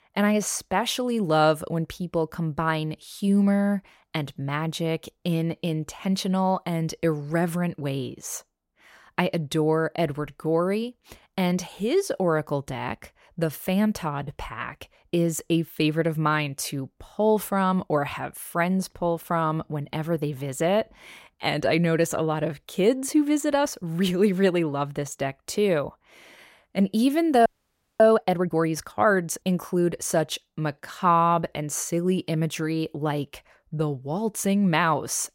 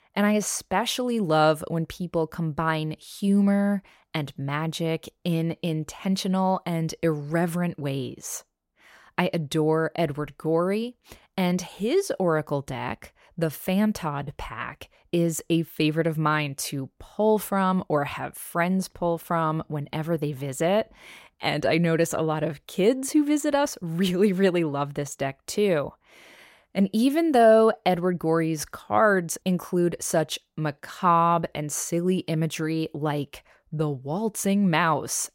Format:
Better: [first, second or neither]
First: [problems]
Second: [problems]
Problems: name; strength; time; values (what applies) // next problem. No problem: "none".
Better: second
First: audio freezing; at 27 s for 0.5 s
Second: none